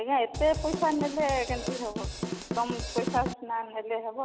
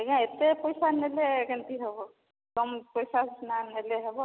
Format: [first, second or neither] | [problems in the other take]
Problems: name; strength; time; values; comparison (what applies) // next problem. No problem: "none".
second | background sound (Drum / Drum kit); 4 dB below the speech